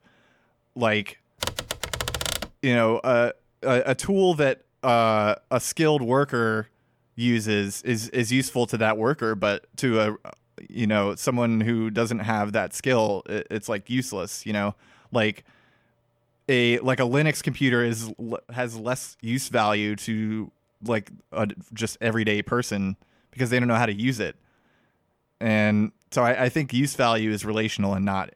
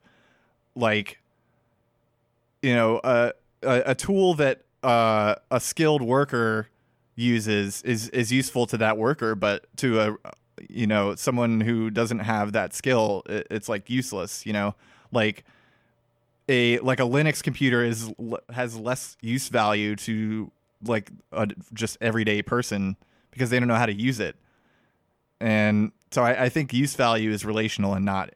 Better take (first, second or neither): second